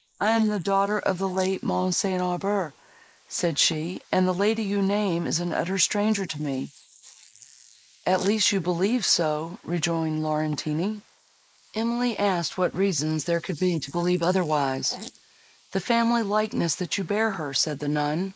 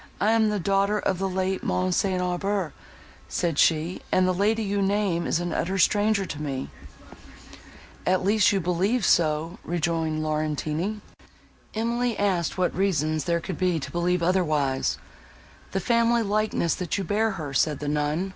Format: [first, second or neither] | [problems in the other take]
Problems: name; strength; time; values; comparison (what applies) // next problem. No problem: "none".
second | noise reduction (neural mask model Resemble Enhance denoiser)